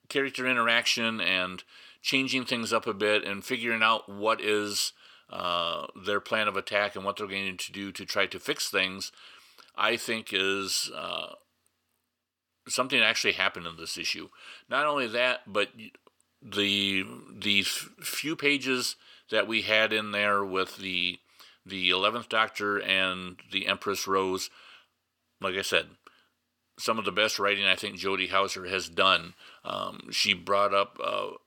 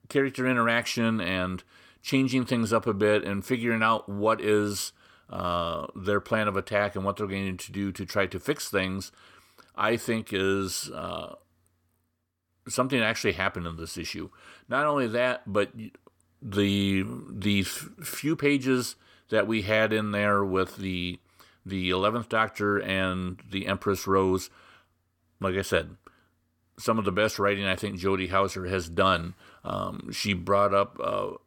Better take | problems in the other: second | thin; very slightly; fading below 450 Hz

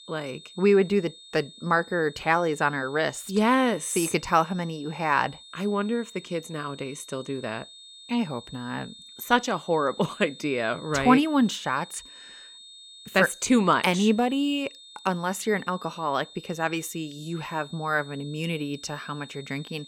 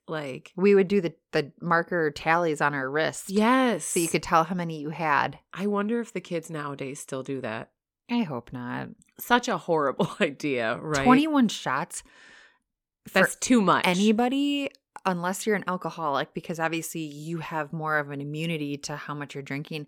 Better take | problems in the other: second | high-pitched whine; noticeable; throughout; 3.5 kHz, 20 dB below the speech

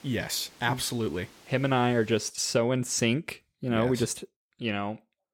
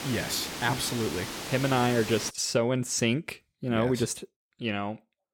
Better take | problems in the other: first | hiss; loud; until 2.5 s; 7 dB below the speech; faint in the first

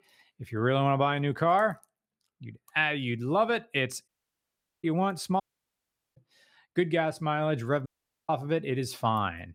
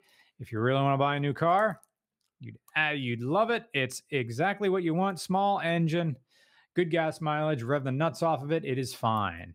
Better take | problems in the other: second | audio cutting out; at 4 s for 1 s, at 5.5 s for 1 s and at 8 s

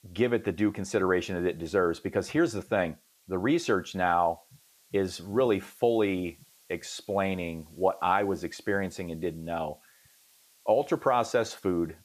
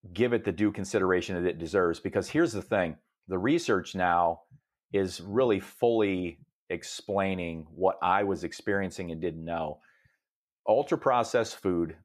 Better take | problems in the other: second | hiss; faint; throughout; 30 dB below the speech

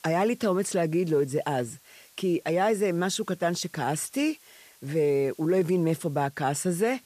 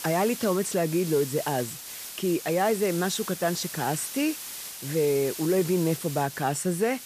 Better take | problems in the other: first | hiss; loud; throughout; 9 dB below the speech; faint in the first

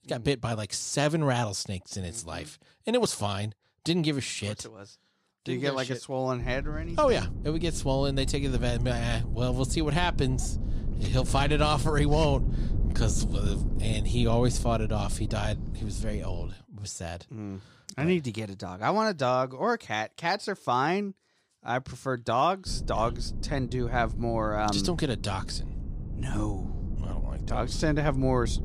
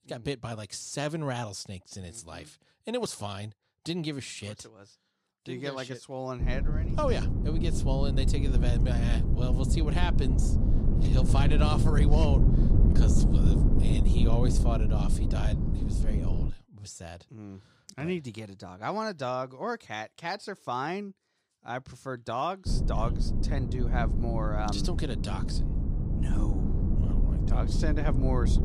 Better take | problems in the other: first | wind noise on the microphone; heavy; from 6.5 to 17 s and from 23 s on; 4 dB below the speech; occasional gusts in the first

